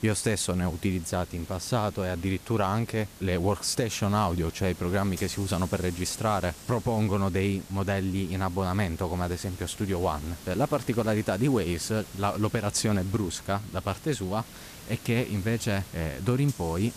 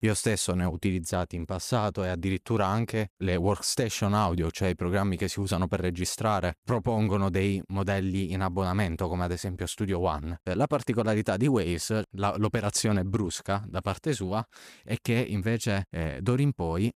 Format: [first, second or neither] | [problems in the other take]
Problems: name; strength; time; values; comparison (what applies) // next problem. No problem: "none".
second | hiss; noticeable; throughout; 15 dB below the speech